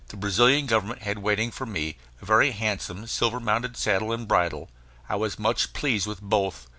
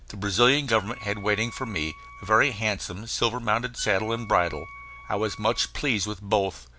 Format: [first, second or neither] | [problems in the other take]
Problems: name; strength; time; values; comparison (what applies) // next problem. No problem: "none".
first | background sound (Wind instrument, woodwind instrument); 18 dB below the speech